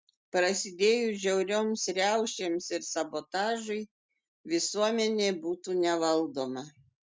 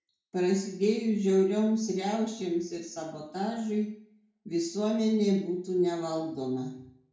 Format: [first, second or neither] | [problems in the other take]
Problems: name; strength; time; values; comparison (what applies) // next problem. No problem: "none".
first | room echo; dies away in 0.6 s